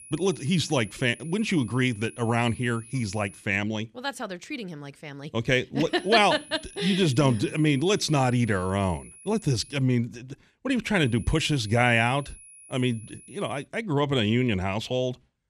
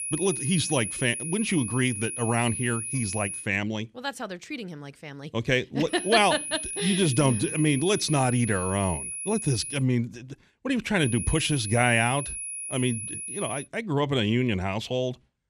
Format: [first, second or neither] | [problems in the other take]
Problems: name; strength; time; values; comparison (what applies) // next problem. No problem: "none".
first | high-pitched whine; loud; until 3.5 s, from 6 to 10 s and from 11 to 14 s; 10.5 kHz, 6 dB below the speech; faint in the first